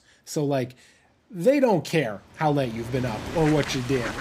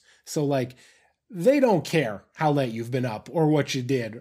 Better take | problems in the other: second | animal sounds; noticeable; throughout; 10 dB below the speech

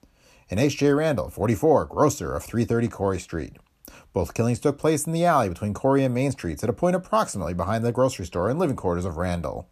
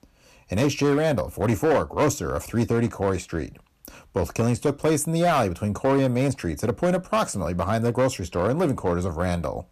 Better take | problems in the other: first | distortion; slight; 8% of the sound clipped

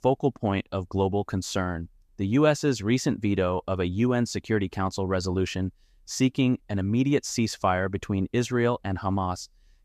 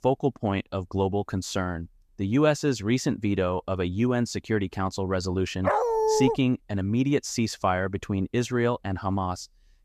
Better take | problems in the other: first | dog barking; loud; at 5.5 s; peak 3 dB above the speech

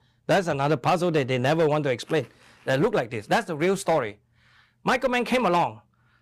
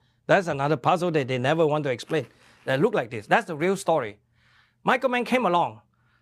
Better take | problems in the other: second | distortion; slight; 6% of the sound clipped

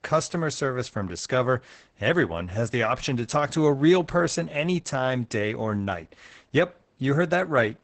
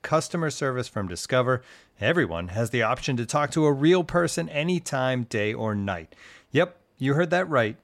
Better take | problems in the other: second | garbled, watery; badly; nothing above 8 kHz

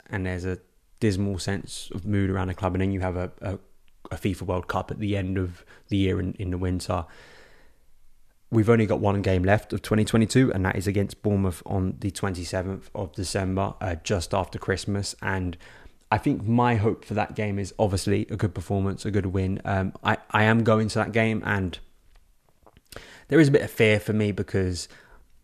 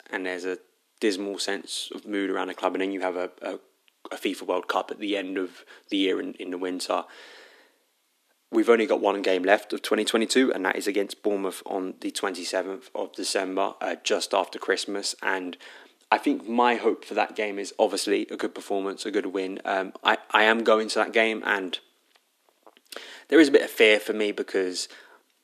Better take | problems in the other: first | thin; somewhat; fading below 250 Hz

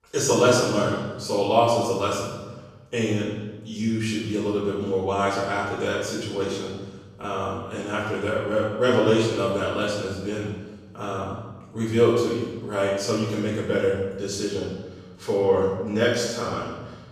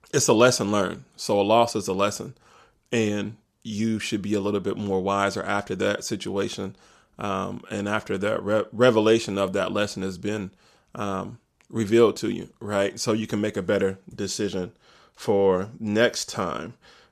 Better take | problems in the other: second | off-mic speech; far // room echo; noticeable; dies away in 1.1 s

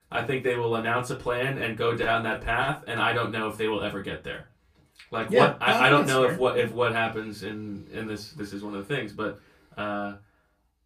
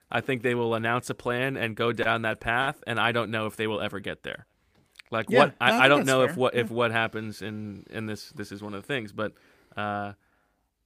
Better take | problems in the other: second | off-mic speech; far // room echo; very slight; dies away in 0.2 s

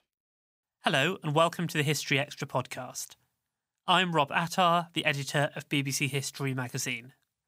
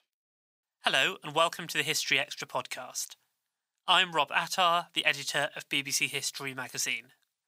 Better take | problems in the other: first | thin; somewhat; fading below 850 Hz

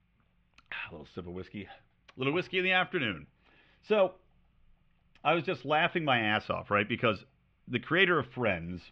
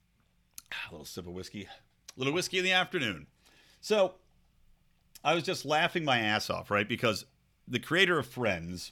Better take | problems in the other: second | muffled; very; fading above 3 kHz

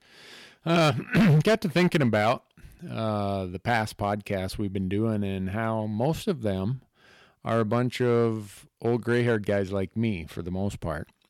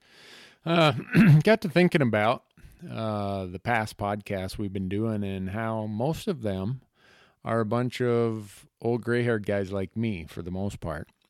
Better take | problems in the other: second | distortion; slight; 3% of the sound clipped

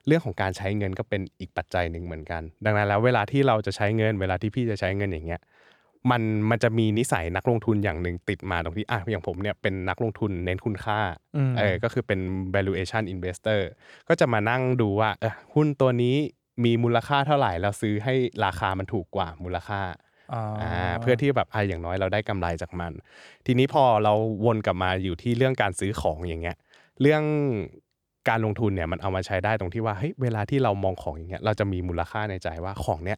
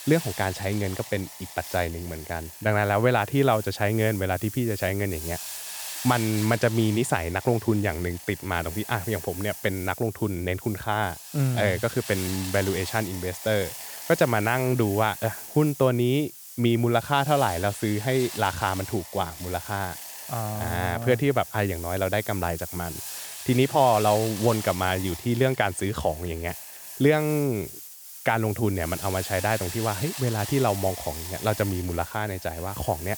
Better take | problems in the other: first | hiss; noticeable; throughout; 10 dB below the speech

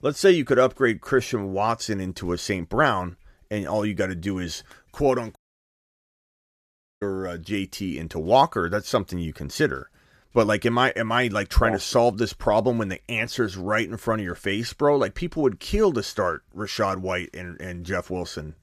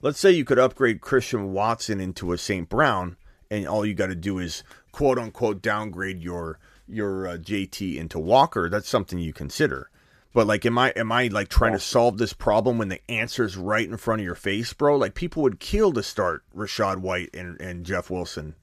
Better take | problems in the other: second | audio cutting out; at 5.5 s for 1.5 s

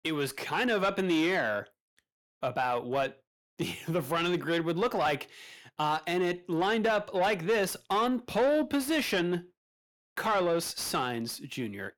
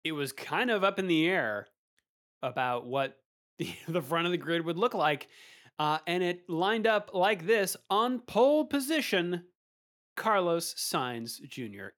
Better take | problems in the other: second | distortion; slight; 10 dB below the speech

